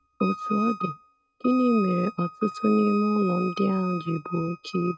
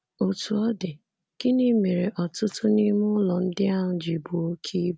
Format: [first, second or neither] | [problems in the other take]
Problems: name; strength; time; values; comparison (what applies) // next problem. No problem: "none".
second | noise reduction (neural mask model RNNoise)